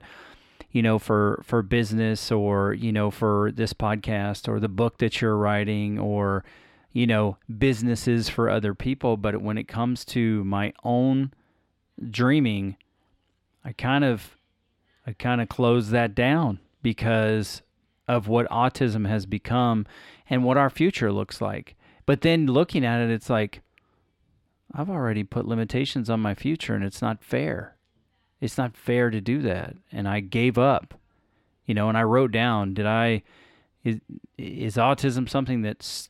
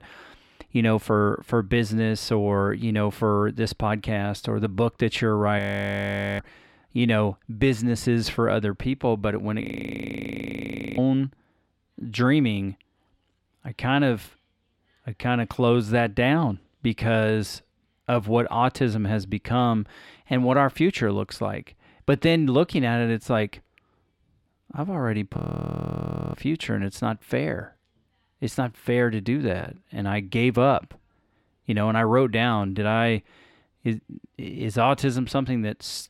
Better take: first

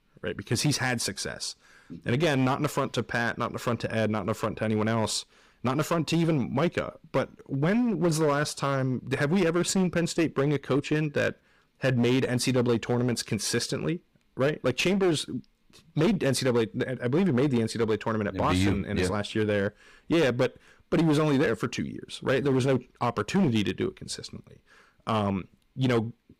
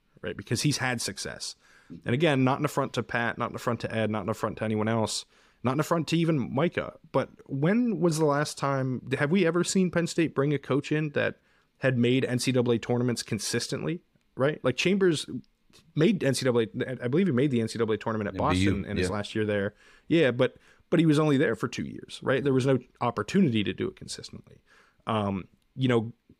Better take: second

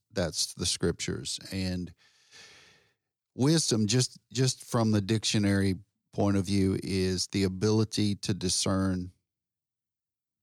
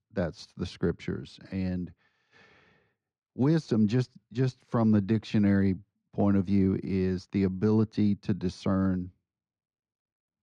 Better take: first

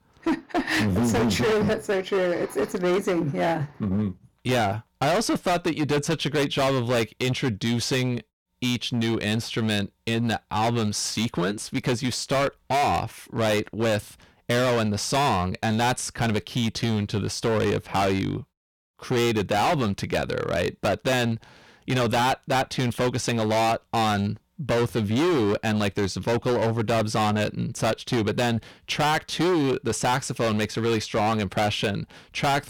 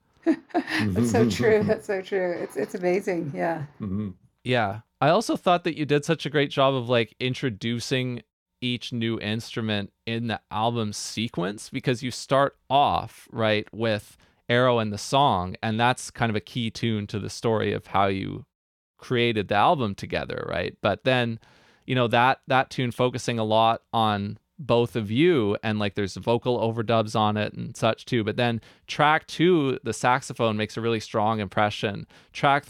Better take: second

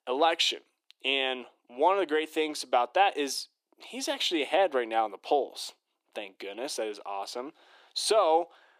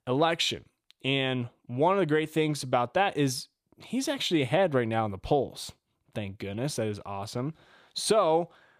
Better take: second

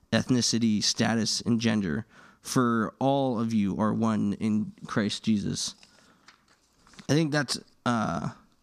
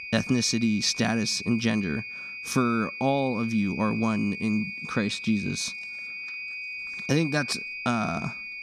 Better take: first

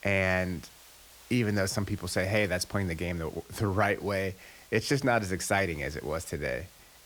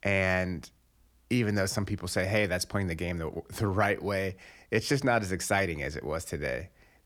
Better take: second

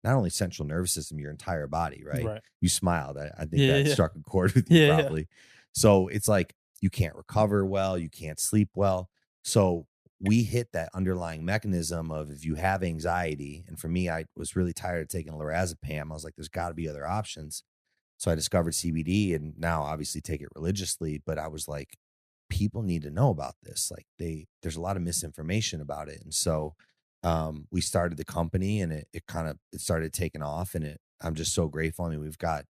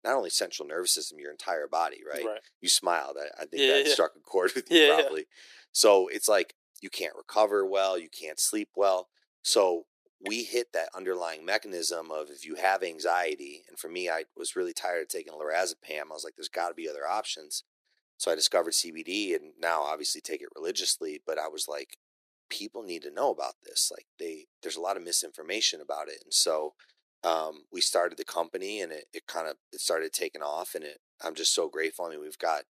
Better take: first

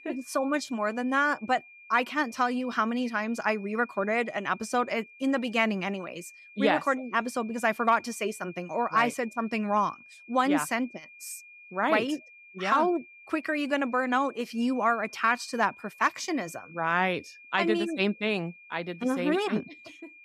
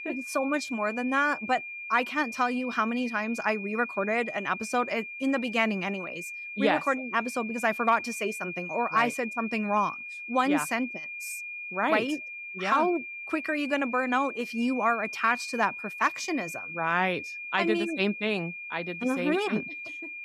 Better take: first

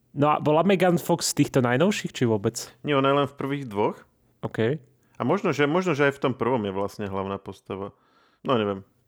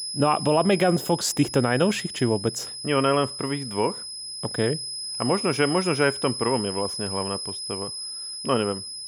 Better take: first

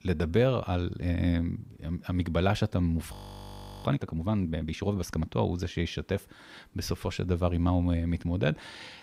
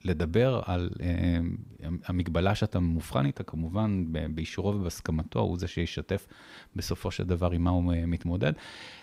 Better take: second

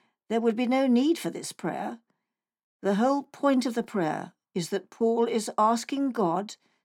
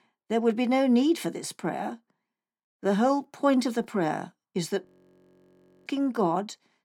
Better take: first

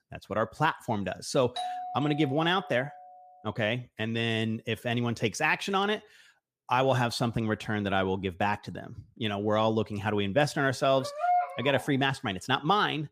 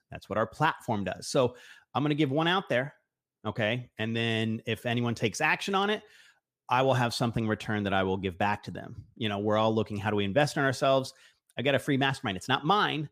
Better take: second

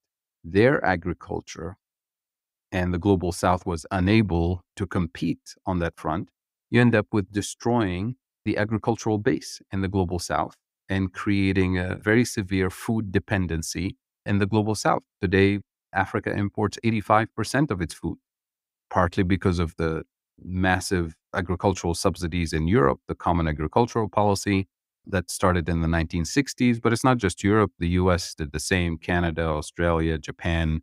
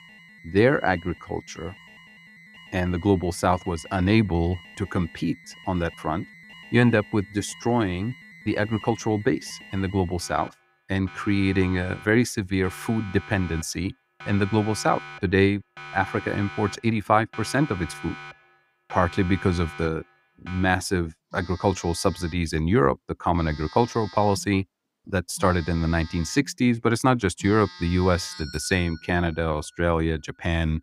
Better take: first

